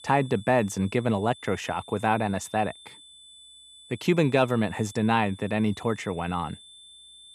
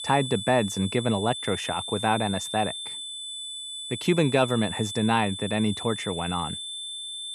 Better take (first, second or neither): first